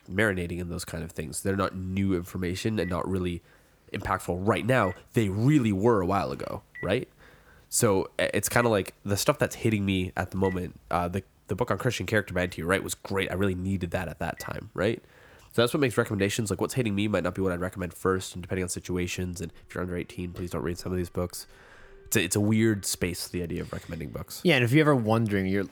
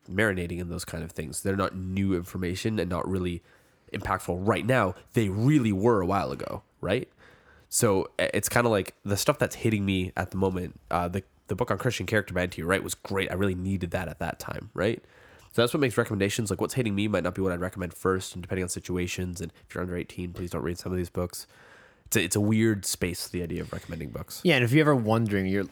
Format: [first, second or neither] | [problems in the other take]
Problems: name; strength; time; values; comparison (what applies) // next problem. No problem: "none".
second | alarms or sirens; faint; throughout; 25 dB below the speech